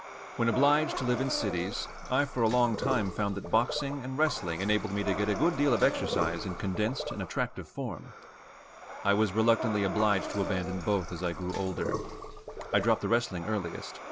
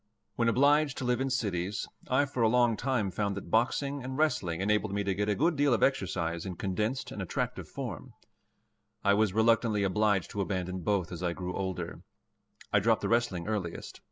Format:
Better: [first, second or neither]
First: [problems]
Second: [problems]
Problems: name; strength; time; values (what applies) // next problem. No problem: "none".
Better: second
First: background sound (Sink (filling or washing) + Breathing); 8 dB below the speech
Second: none